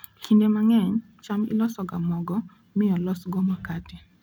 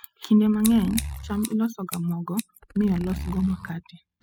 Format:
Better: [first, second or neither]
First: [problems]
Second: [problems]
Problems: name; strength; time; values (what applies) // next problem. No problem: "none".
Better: first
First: none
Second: noise reduction (classical method spectral subtraction)